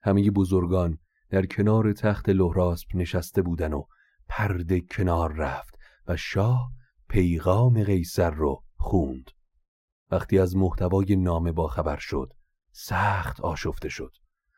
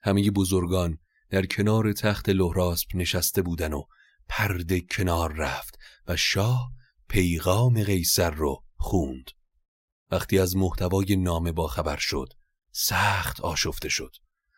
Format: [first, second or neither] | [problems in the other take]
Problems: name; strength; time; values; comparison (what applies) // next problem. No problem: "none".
second | muffled; very; fading above 2 kHz